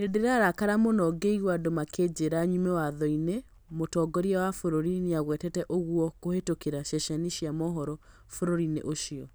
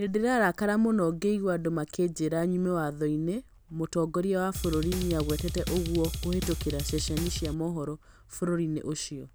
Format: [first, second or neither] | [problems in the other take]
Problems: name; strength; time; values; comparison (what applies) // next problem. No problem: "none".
first | background sound (Drum kit); 4 dB below the speech